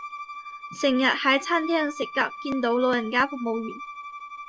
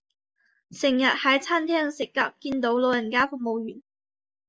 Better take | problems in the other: second | background sound (Bowed string instrument); 12 dB below the speech

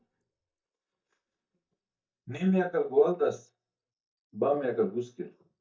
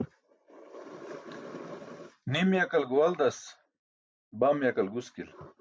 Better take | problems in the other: second | noise reduction (neural mask model DeepFilterNet 3)

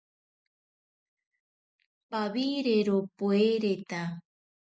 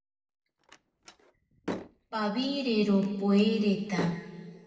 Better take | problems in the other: first | background sound (Slam); 14 dB below the speech // room echo; dies away in 1.9 s

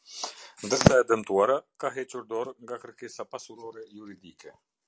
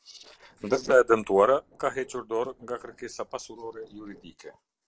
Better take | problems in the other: first | noise reduction (neural separator model SepFormer DNS4)

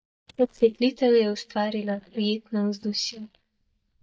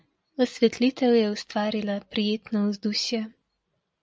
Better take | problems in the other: second | noise reduction (neural mask model DeepFilterNet 3)

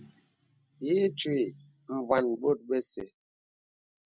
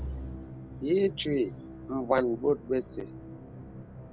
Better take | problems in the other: first | background sound (Musical instrument); 11 dB below the speech

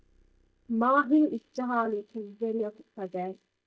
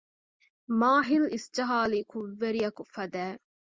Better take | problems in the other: second | noise reduction (neural mask model DeepFilterNet 3)

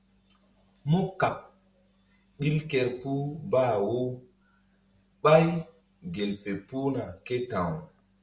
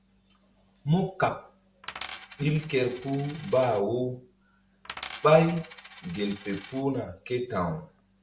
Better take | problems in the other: first | background sound (Coin (dropping)); 16 dB below the speech

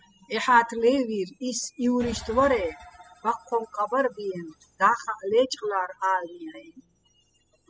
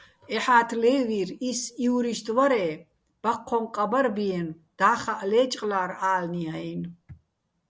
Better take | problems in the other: second | noise reduction (classical method spectral subtraction)

